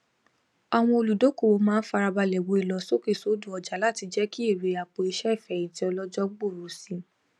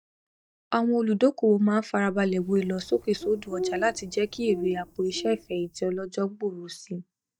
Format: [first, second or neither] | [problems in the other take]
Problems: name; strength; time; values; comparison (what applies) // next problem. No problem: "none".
first | noise reduction (neural mask model DeepFilterNet 3)